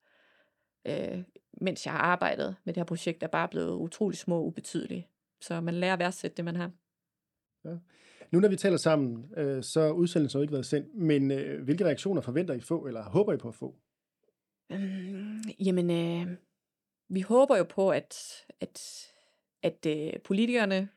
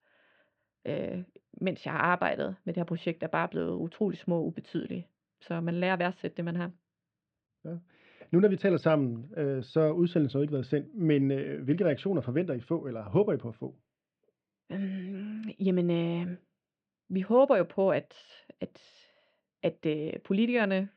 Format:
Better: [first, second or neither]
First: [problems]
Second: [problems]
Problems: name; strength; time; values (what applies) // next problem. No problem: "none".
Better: first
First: none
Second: muffled; slightly; fading above 3.5 kHz